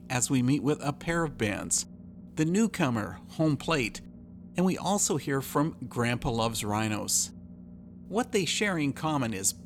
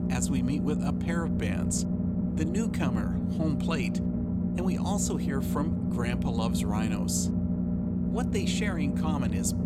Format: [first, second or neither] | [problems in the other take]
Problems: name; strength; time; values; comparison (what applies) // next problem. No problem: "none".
first | low rumble; loud; throughout; 1 dB below the speech; faint in the first